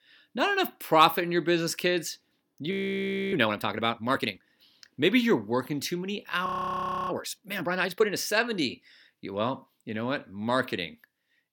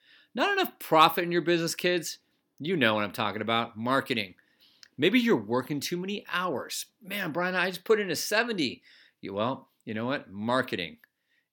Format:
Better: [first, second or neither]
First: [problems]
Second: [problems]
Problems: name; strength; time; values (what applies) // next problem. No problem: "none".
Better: second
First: audio freezing; at 2.5 s for 0.5 s and at 6.5 s for 0.5 s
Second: none